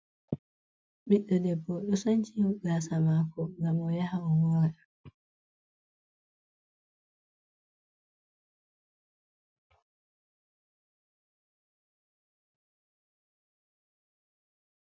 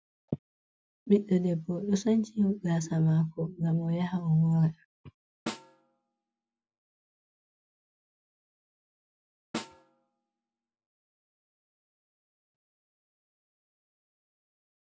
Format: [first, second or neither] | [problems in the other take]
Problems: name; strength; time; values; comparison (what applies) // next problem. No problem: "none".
first | background sound (Snare drum); 12 dB below the speech